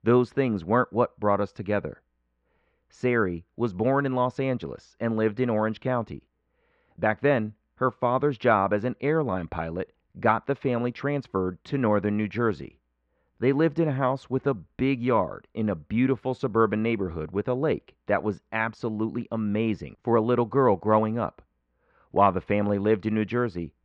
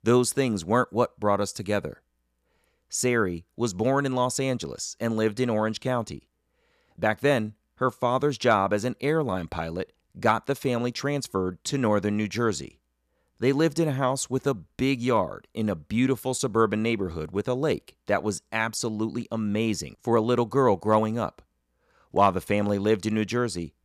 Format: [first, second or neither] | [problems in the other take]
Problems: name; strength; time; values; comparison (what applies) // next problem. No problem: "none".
second | muffled; very; fading above 2.5 kHz